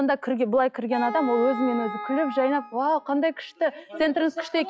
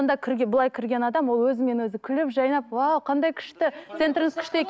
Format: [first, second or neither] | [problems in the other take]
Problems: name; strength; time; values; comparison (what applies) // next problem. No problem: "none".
second | noise reduction (classical method log-MMSE)